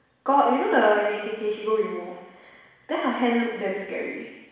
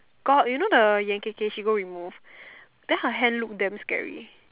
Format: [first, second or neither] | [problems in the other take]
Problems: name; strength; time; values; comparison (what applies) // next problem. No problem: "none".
second | room echo; dies away in 1.1 s